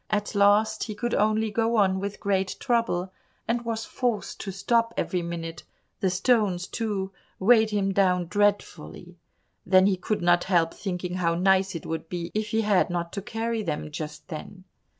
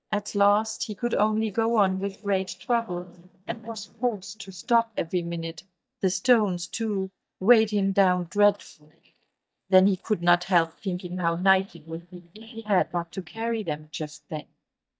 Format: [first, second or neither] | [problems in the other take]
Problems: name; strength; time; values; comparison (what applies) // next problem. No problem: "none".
first | noise reduction (neural mask model DeepFilterNet 3)